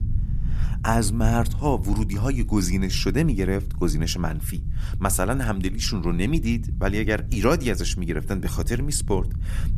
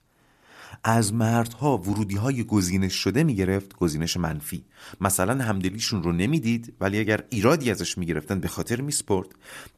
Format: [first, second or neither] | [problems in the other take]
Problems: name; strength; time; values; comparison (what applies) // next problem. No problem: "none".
second | low rumble; noticeable; throughout; 20 dB below the speech